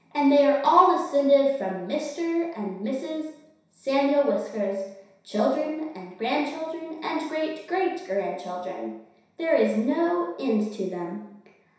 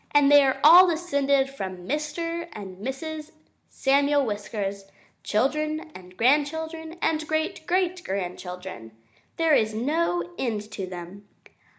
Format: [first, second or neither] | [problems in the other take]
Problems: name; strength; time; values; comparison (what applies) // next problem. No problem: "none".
second | room echo; dies away in 0.7 s